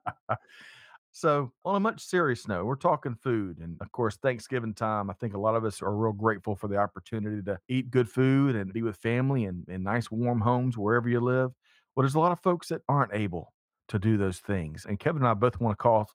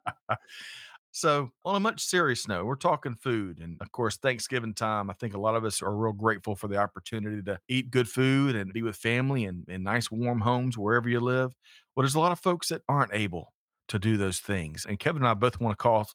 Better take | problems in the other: second | muffled; slightly; fading above 2 kHz

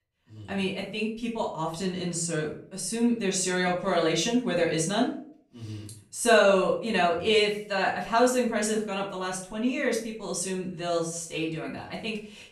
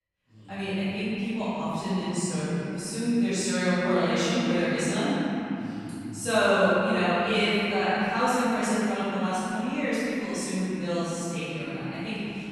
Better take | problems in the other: first | room echo; strong; dies away in 3 s; slight in the first // off-mic speech; far; far in the first

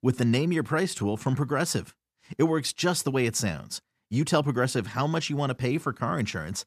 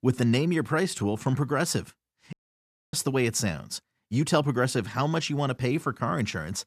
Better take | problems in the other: first | audio cutting out; at 2.5 s for 0.5 s

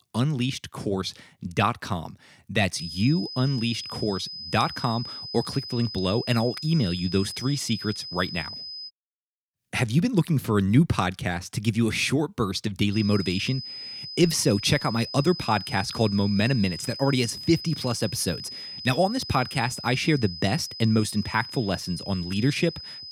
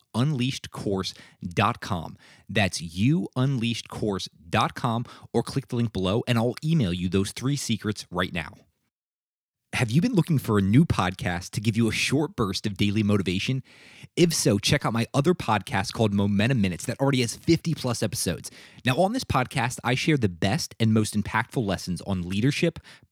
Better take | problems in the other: second | high-pitched whine; loud; from 3 to 9 s and from 13 s on; 5 kHz, 9 dB below the speech

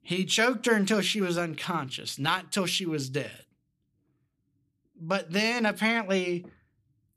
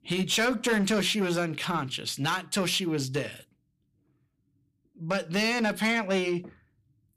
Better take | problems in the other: first | distortion; slight; 10 dB below the speech

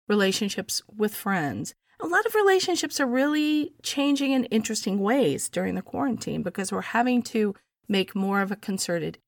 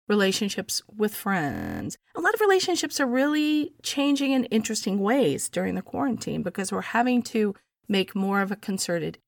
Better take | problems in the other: first | audio freezing; at 1.5 s

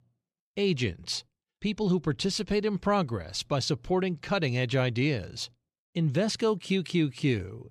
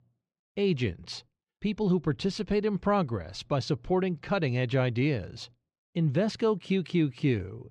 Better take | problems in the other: first | muffled; very slightly; fading above 2 kHz

